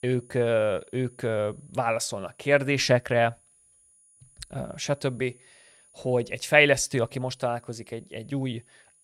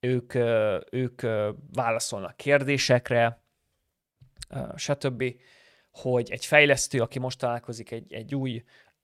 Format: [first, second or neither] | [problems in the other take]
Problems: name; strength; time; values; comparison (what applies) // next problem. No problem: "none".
second | high-pitched whine; faint; throughout; 9.5 kHz, 30 dB below the speech